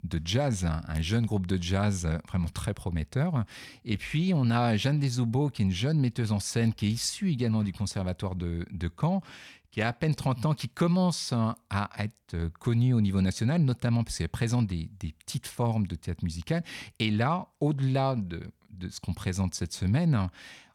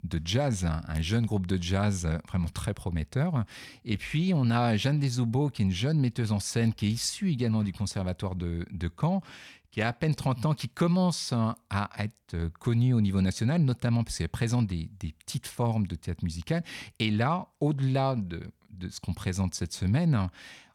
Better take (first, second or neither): neither